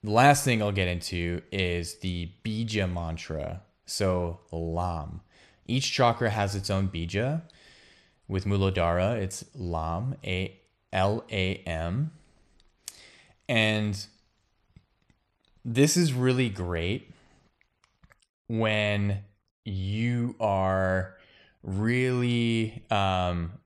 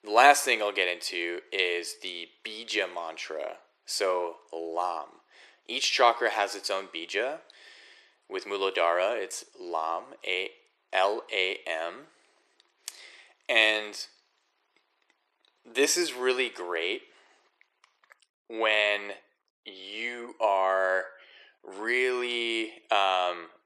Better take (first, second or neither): first